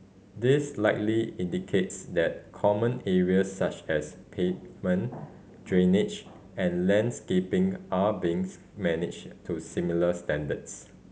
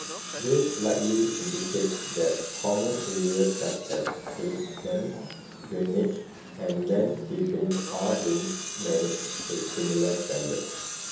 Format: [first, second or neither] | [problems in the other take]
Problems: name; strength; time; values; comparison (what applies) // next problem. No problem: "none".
first | background sound (Tools); 8 dB below the speech // room echo; dies away in 0.7 s